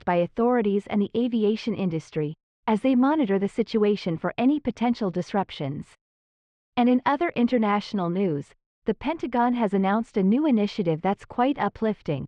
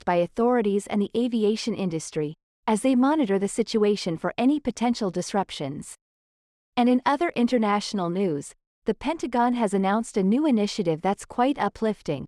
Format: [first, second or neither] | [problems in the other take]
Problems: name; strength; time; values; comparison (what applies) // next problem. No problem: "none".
second | muffled; slightly; fading above 3 kHz